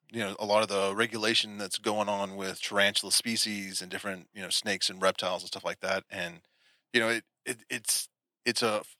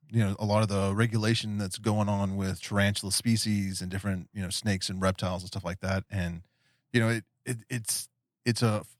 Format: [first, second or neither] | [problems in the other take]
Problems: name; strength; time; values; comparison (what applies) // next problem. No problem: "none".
second | thin; somewhat; fading below 400 Hz